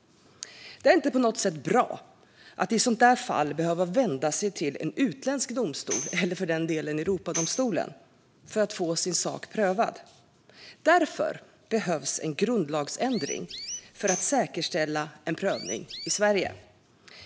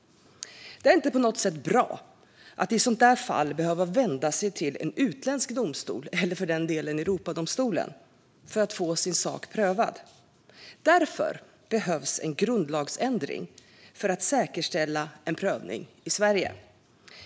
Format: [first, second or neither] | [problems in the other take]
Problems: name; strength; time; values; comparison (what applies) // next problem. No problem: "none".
second | background sound (Tambourine + Chirp, tweet); 11 dB below the speech